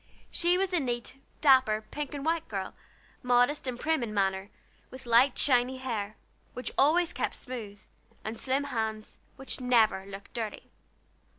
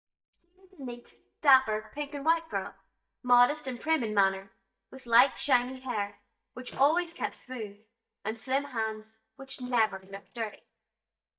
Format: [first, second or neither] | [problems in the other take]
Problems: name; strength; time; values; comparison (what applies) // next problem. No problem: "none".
first | noise reduction (neural mask model DeepFilterNet 3)